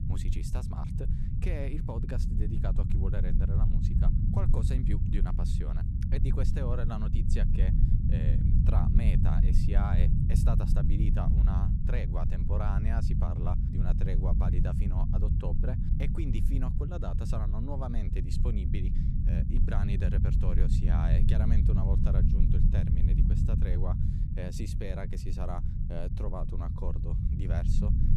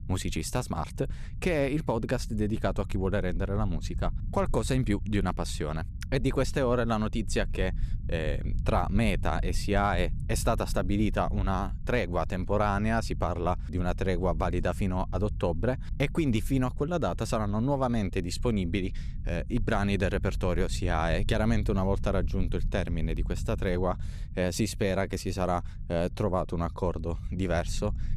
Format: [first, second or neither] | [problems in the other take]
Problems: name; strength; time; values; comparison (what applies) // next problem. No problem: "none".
second | low rumble; loud; throughout; as loud as the speech; faint in the second